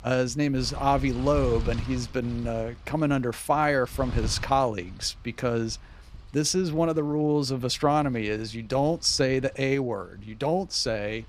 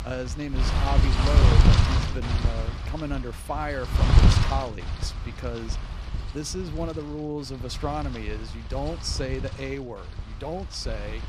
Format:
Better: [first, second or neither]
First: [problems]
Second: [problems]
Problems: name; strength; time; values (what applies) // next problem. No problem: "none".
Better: first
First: wind noise on the microphone; occasional gusts; 20 dB below the speech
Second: wind noise on the microphone; heavy; 1 dB above the speech